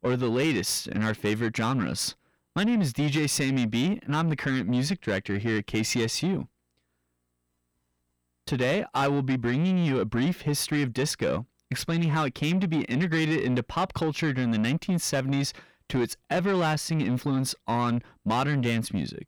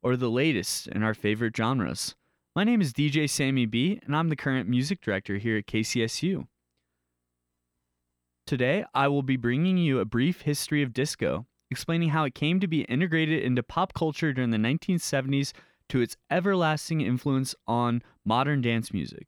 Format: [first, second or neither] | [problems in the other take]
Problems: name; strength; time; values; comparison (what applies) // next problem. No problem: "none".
second | distortion; slight; 10 dB below the speech